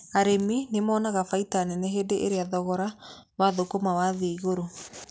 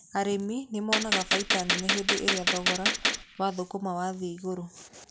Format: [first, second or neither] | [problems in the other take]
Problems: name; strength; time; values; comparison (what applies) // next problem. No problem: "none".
first | background sound (Gunshot, gunfire); 4 dB above the speech